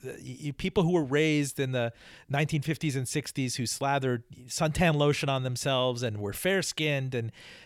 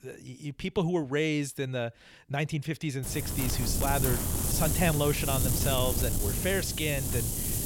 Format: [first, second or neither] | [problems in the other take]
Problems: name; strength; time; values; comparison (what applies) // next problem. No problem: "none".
first | wind noise on the microphone; heavy; from 3 s on; 3 dB below the speech